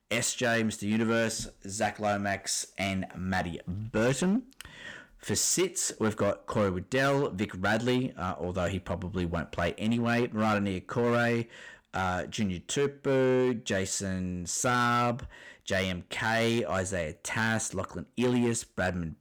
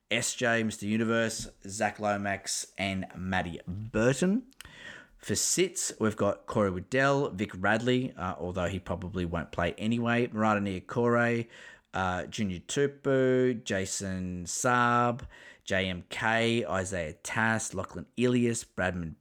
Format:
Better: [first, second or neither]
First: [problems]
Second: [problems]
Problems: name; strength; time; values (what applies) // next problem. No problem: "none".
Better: second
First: distortion; slight; 7% of the sound clipped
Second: none